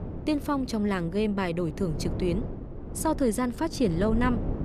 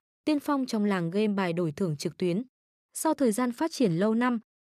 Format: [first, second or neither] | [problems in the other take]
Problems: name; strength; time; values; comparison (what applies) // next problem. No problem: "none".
second | wind noise on the microphone; occasional gusts; 15 dB below the speech